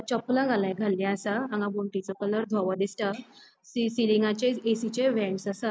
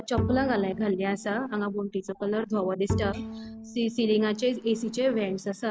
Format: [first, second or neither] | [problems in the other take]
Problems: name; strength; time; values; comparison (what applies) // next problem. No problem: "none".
first | background sound (Bowed string instrument); 8 dB below the speech